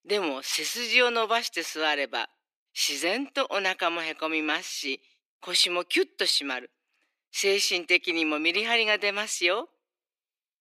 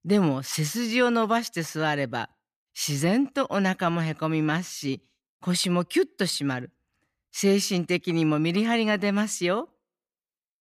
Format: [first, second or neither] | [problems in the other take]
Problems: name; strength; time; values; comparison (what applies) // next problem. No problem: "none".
second | thin; very; fading below 300 Hz